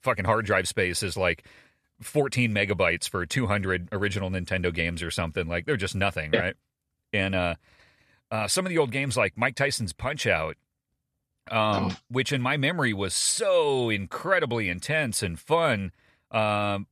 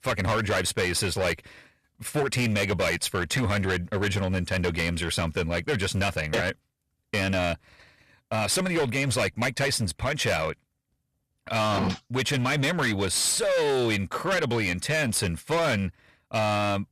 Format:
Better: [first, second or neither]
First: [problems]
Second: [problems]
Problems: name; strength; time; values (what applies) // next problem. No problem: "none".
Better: first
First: none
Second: distortion; heavy; 18% of the sound clipped